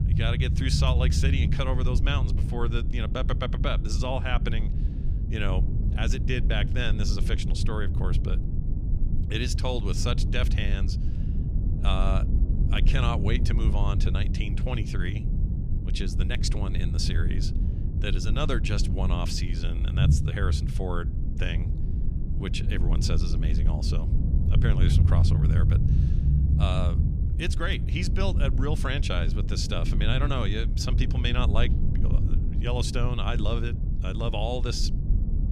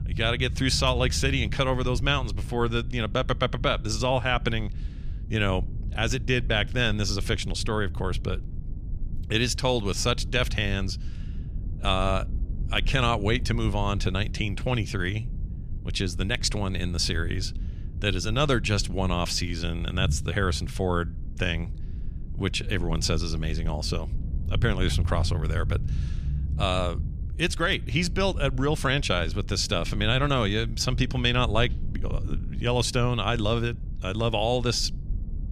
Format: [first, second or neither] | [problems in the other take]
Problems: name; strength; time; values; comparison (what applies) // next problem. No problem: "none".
second | low rumble; loud; throughout; 7 dB below the speech; faint in the second